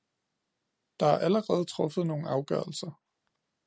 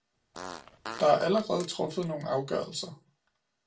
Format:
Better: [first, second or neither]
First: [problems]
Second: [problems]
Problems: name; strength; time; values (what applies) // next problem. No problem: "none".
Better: first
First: none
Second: background sound (Fart); 14 dB below the speech // room echo; dies away in 0.2 s